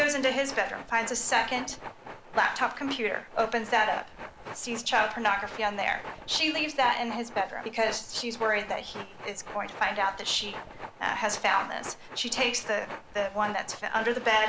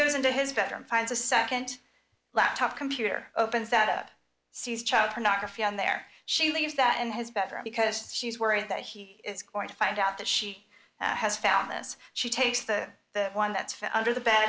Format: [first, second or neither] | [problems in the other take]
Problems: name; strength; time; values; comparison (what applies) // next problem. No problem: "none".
second | background sound (Train); 13 dB below the speech